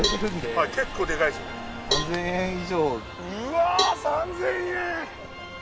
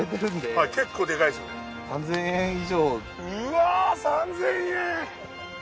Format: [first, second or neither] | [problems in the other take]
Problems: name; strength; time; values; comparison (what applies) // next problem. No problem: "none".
second | background sound (Subway, metro, underground + Cowbell); 6 dB below the speech